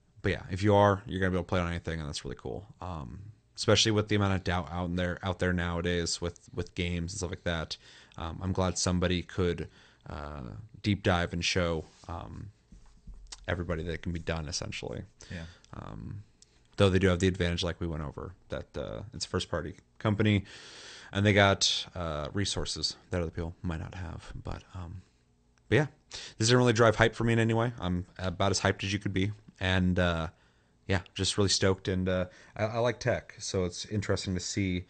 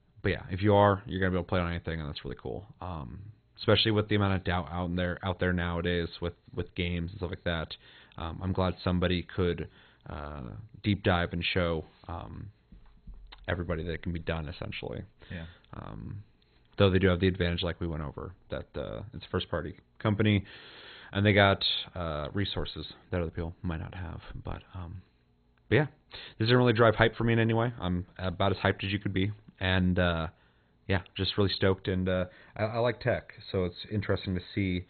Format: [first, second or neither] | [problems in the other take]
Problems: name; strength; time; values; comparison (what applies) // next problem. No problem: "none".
first | garbled, watery; badly; nothing above 4 kHz; slightly in the first